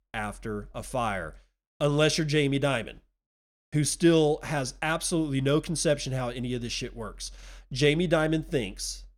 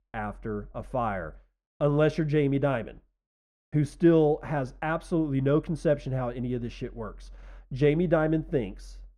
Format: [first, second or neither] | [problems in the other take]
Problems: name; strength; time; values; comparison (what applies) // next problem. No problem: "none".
first | muffled; very; fading above 2.5 kHz